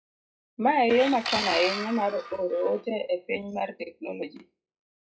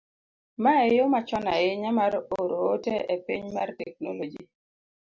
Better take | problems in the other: second | noise reduction (classical method WPE with log-MMSE)

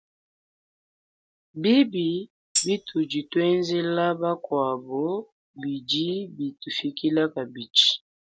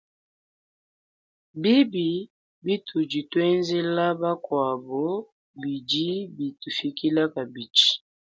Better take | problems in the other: second | background sound (Tambourine); 5 dB below the speech

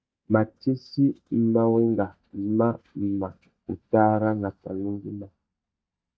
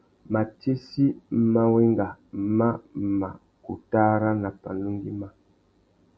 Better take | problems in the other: second | noise reduction (neural mask model DeepFilterNet 3)

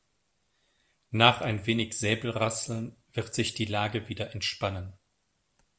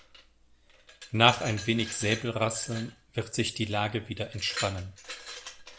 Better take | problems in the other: first | background sound (Glass); 14 dB below the speech

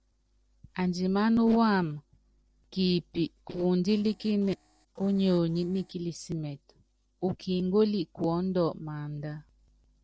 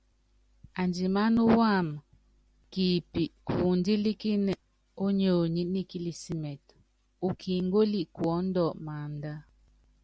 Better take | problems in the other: second | noise reduction (neural separator model SepFormer DNS4)

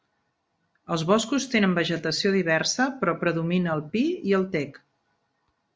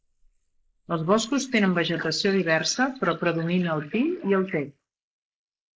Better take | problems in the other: first | noise reduction (neural mask model Resemble Enhance denoiser)

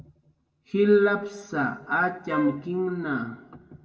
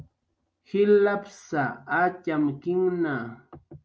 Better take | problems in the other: second | background sound (Wind instrument, woodwind instrument); 10 dB below the speech // room echo; dies away in 1.5 s

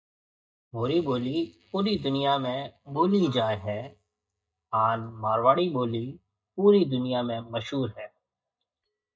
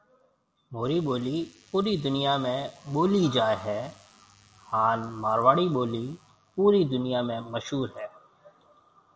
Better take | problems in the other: second | noise reduction (neural mask model DeepFilterNet 3)

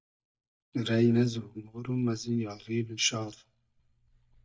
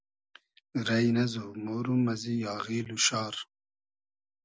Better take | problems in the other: second | noise reduction (neural mask model DeepFilterNet 3)

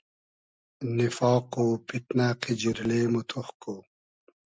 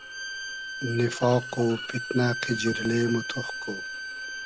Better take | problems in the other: first | background sound (Bowed string instrument); 7 dB below the speech

